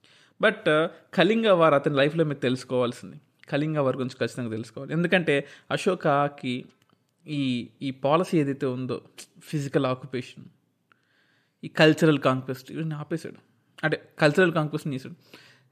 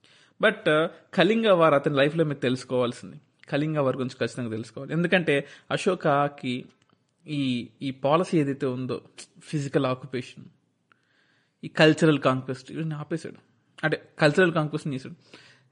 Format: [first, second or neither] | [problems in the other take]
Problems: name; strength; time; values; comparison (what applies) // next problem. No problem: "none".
first | garbled, watery; slightly; nothing above 9.5 kHz